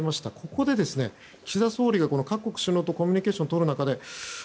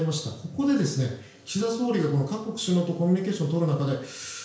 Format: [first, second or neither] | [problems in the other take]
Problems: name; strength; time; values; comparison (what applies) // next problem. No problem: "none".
first | room echo; dies away in 0.5 s